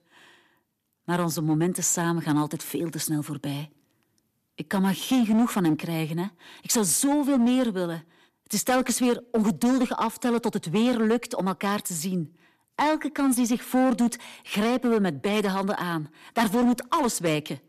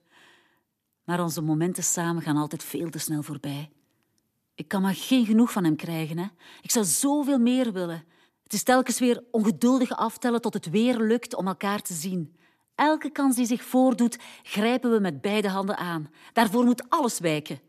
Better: second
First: distortion; slight; 8% of the sound clipped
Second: none

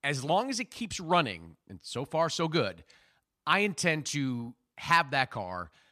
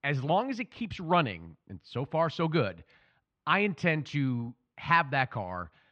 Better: first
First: none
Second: muffled; slightly; fading above 3 kHz

